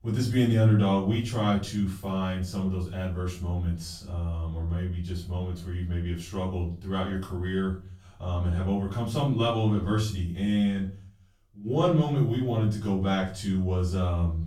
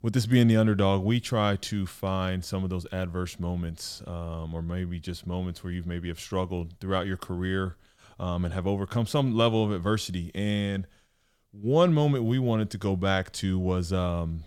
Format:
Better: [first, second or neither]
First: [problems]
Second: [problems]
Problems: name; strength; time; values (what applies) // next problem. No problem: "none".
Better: second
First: off-mic speech; far // room echo; noticeable; dies away in 0.4 s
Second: none